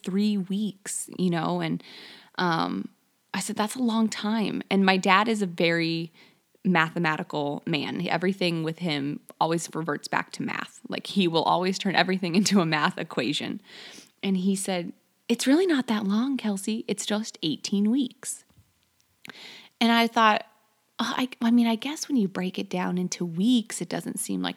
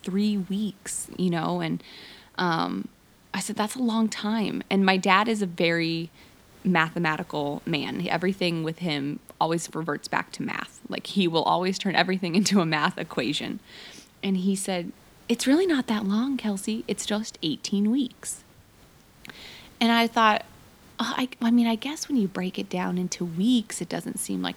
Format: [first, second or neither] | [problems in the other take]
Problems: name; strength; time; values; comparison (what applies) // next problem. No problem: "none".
first | hiss; faint; throughout; 30 dB below the speech